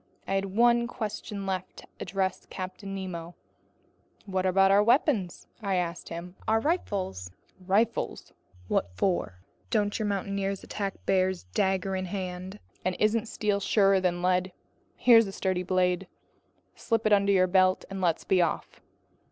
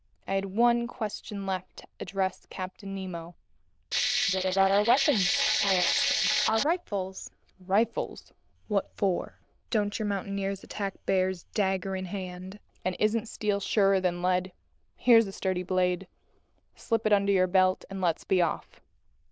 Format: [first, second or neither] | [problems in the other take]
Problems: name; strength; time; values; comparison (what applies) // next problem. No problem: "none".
first | noise reduction (neural diffusion model UNIVERSE++)